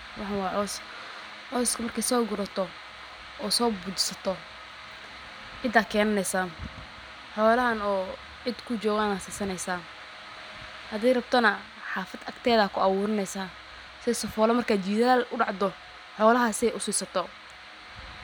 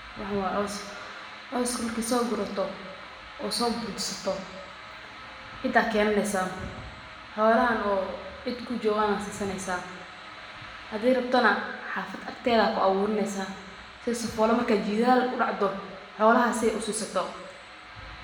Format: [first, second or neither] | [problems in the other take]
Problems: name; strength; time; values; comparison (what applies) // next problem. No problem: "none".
first | room echo; dies away in 1.1 s